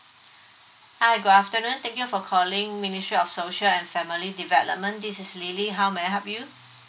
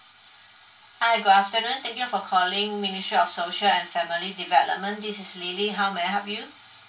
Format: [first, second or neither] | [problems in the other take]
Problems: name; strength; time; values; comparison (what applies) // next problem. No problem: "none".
first | room echo; dies away in 0.2 s